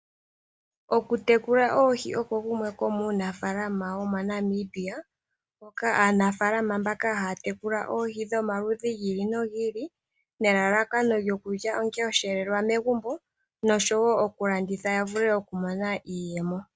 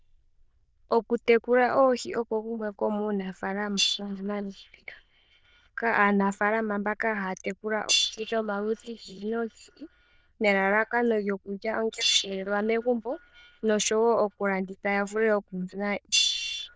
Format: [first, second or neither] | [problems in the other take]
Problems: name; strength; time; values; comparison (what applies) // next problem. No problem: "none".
first | noise reduction (neural diffusion model UNIVERSE++)